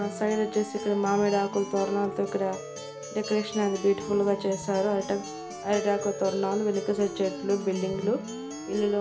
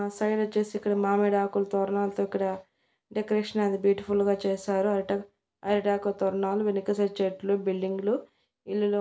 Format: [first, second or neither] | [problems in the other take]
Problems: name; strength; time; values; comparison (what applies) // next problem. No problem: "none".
second | background sound (Siren + Acoustic guitar); 9 dB below the speech